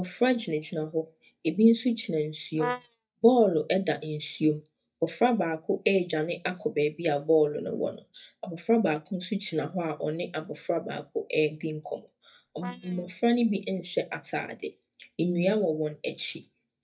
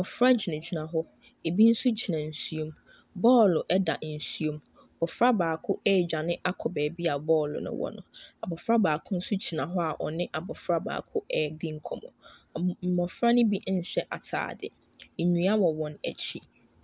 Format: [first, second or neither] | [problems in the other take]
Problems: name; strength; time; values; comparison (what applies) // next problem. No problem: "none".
second | noise reduction (neural mask model DeepFilterNet 3)